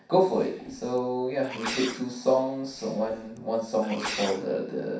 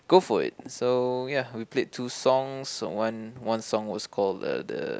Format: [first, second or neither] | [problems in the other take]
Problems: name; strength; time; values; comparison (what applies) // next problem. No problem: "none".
second | background sound (Sneeze); 12 dB below the speech // room echo; dies away in 0.6 s